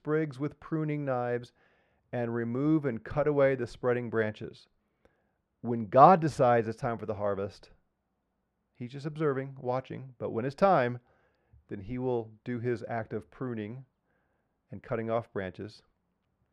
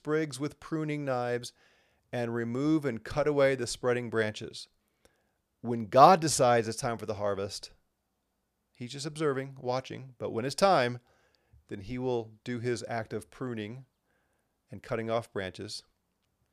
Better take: second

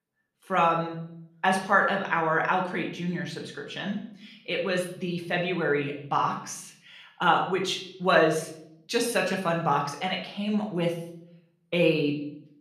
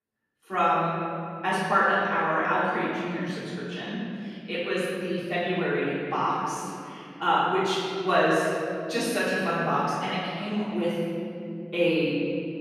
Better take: first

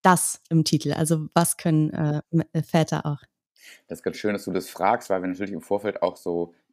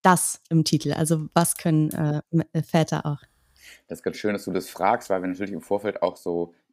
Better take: first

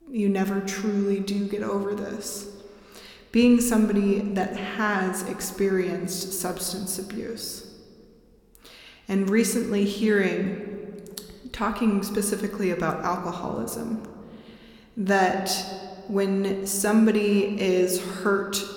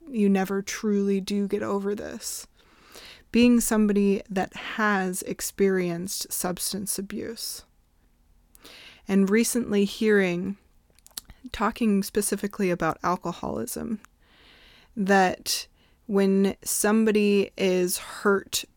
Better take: second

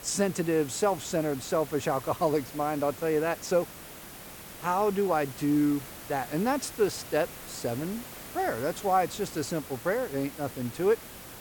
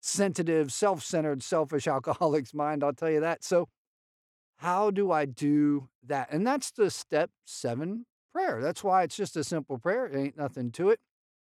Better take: second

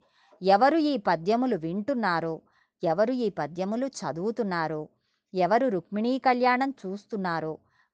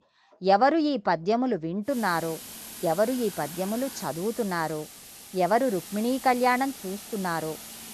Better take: first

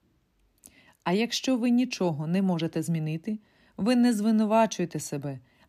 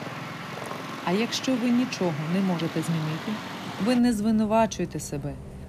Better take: first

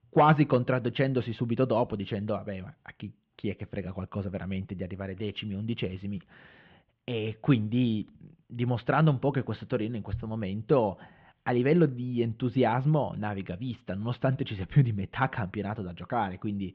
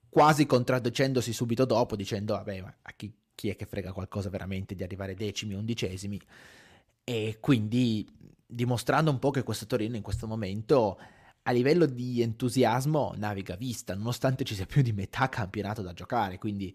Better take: second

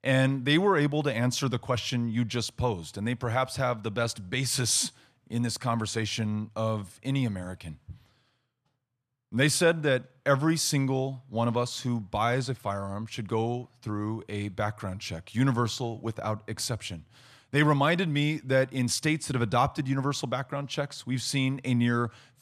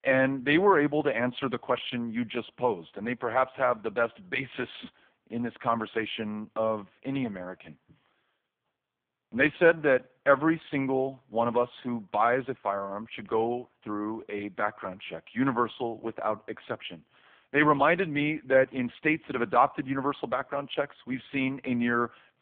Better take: first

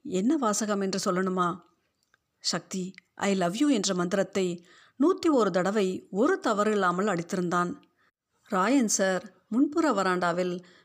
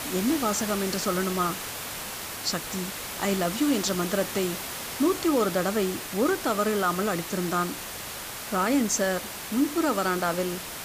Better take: first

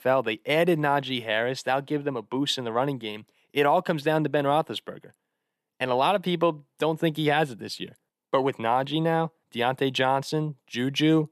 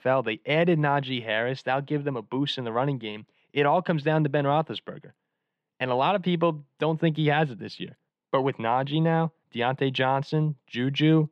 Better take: first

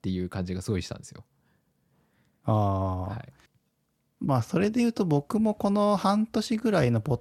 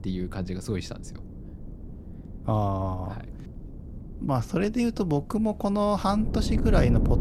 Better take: first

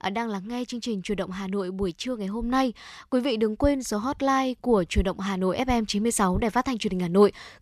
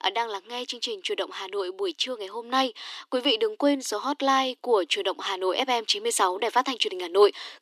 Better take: first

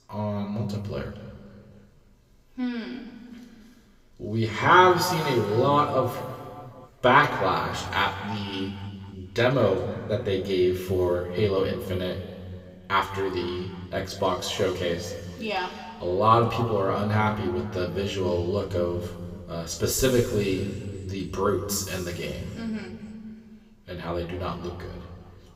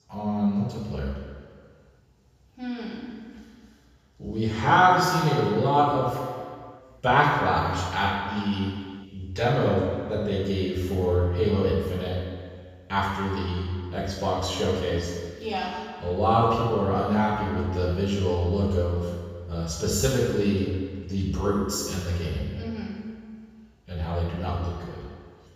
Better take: first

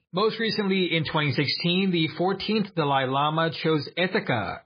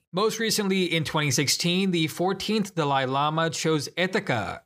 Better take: second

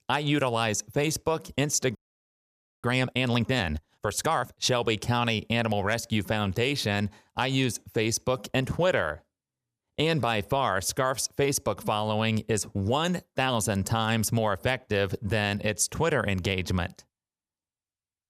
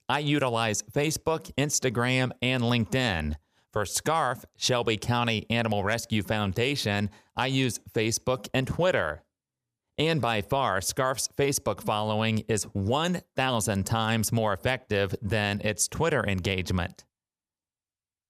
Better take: second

